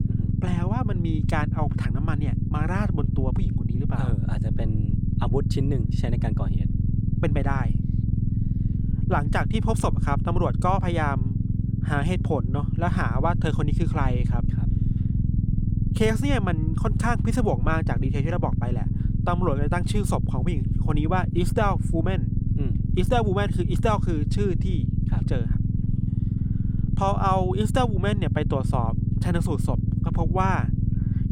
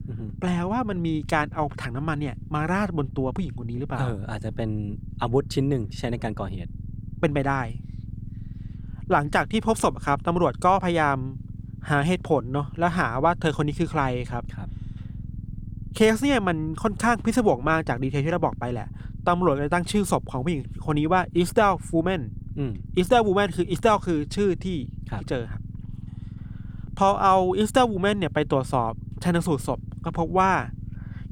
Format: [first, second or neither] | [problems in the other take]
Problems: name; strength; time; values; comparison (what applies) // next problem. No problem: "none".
second | low rumble; loud; throughout; 8 dB below the speech; faint in the second